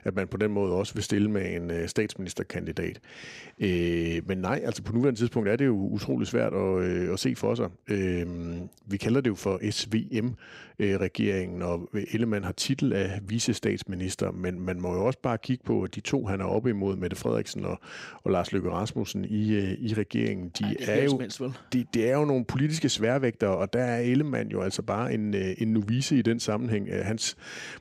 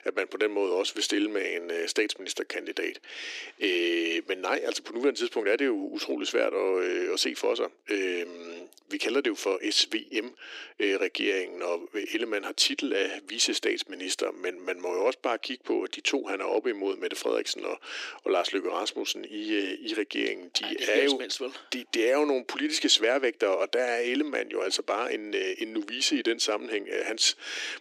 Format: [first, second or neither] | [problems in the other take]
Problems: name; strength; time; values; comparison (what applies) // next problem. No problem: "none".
first | thin; somewhat; fading below 300 Hz